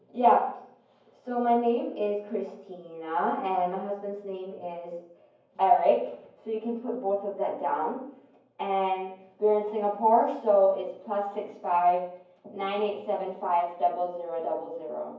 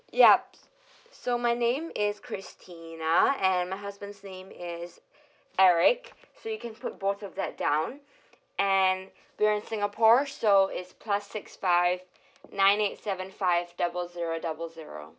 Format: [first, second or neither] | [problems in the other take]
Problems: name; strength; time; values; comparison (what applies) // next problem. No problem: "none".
second | room echo; dies away in 0.9 s